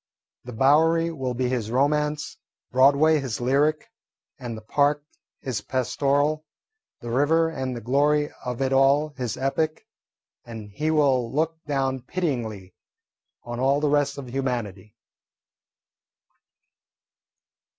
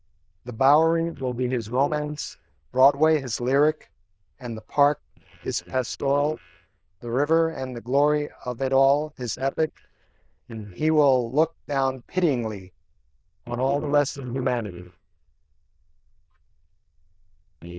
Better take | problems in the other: first | noise reduction (neural diffusion model UNIVERSE++)

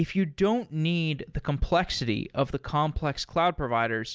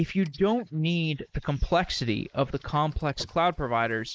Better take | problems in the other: first | noise reduction (neural mask model Resemble Enhance denoiser)

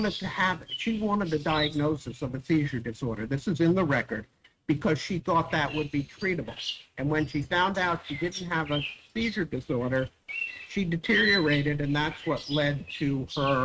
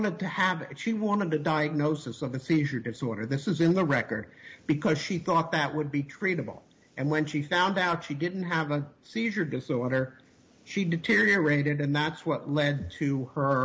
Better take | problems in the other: second | noise reduction (neural mask model RNNoise)

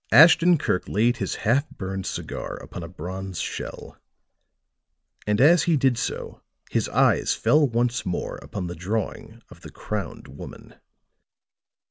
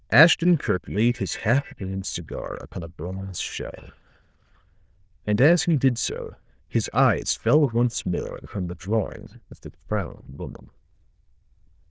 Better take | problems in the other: first | noise reduction (neural diffusion model UNIVERSE++)

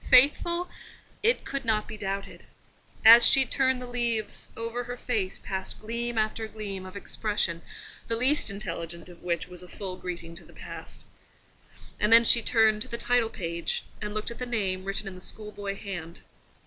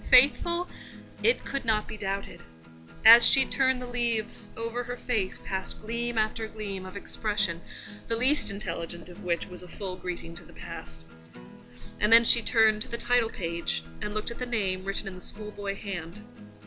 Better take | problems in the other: first | background sound (Acoustic guitar); 16 dB below the speech

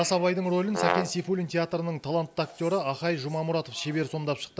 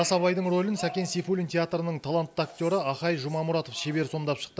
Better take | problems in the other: second | background sound (Brass instrument); 1 dB below the speech

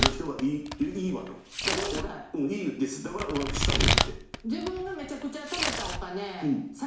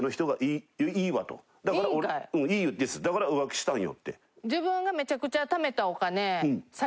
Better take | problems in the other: second | background sound (Domestic sounds, home sounds); 1 dB above the speech // room echo; dies away in 0.7 s

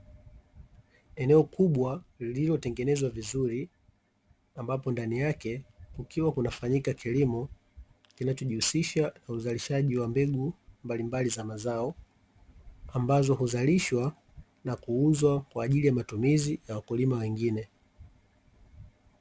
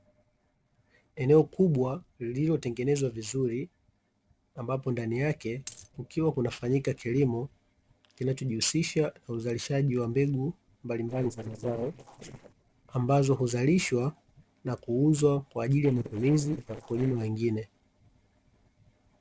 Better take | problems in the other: first | noise reduction (neural separator model SepFormer DNS4)

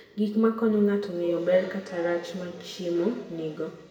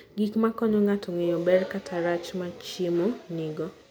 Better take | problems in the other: second | room echo; dies away in 0.9 s

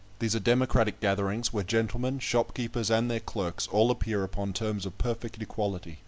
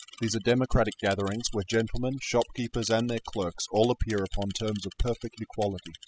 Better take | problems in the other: first | noise reduction (classical method spectral subtraction)

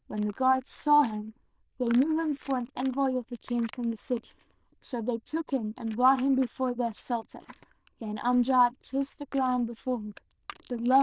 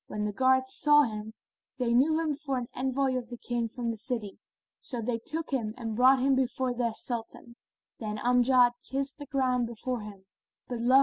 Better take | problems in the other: second | noise reduction (neural diffusion model UNIVERSE++)

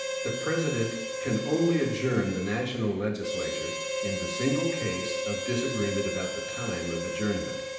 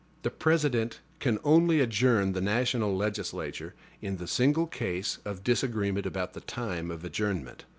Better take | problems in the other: second | background sound (Harmonica); 4 dB below the speech // room echo; dies away in 0.8 s

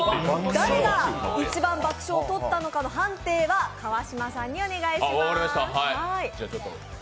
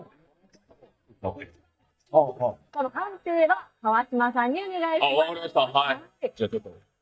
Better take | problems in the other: first | noise reduction (neural mask model DeepFilterNet 3)

